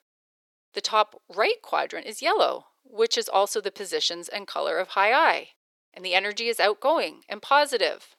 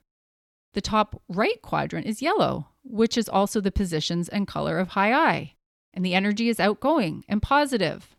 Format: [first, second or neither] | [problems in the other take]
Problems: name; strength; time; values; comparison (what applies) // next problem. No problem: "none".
second | thin; very; fading below 450 Hz